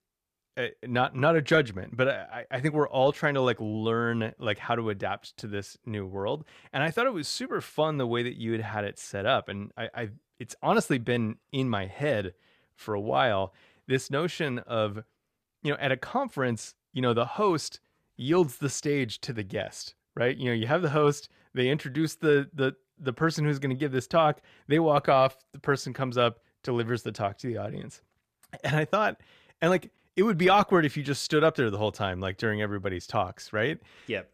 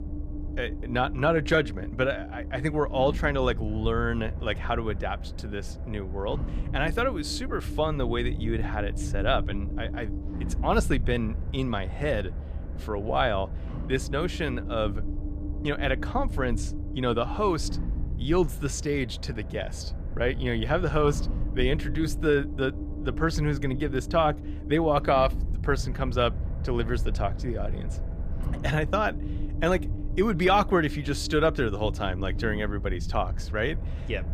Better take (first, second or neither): first